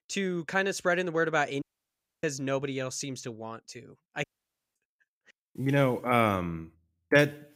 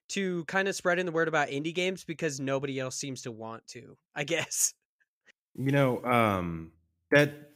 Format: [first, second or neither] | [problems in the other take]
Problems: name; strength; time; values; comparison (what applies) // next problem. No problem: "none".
second | audio cutting out; at 1.5 s for 0.5 s and at 4 s for 0.5 s